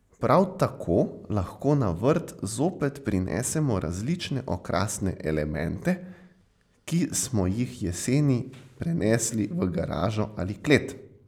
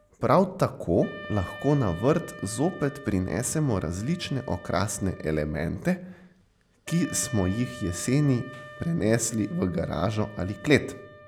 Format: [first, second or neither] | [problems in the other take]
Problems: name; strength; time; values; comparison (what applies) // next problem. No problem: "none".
first | background sound (Wind instrument, woodwind instrument); 18 dB below the speech